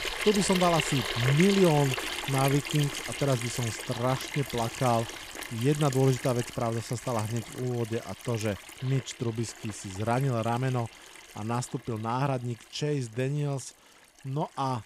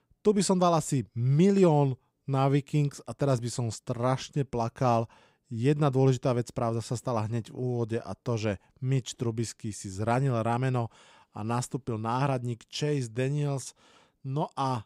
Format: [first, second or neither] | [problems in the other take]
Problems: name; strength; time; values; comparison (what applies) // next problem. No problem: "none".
second | household noises; loud; throughout; 6 dB below the speech